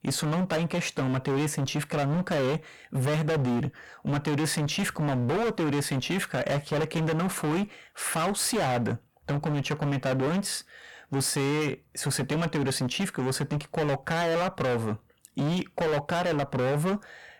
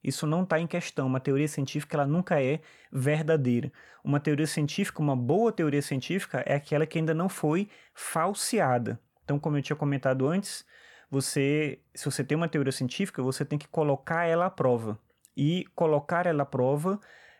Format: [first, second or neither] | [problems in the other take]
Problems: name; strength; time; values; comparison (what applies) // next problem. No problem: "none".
second | distortion; heavy; 29% of the sound clipped